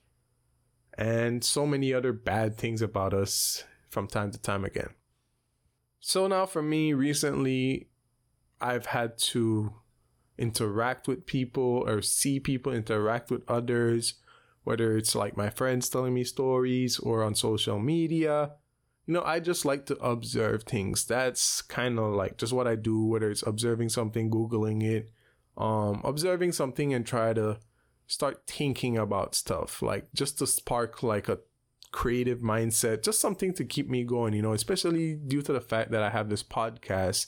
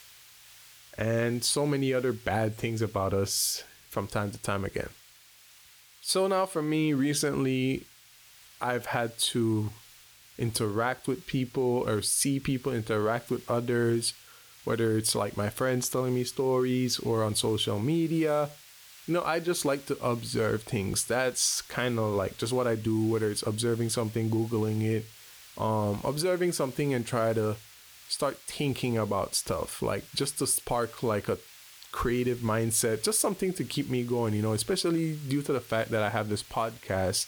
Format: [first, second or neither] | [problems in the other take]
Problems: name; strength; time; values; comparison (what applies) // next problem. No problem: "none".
first | hiss; faint; throughout; 20 dB below the speech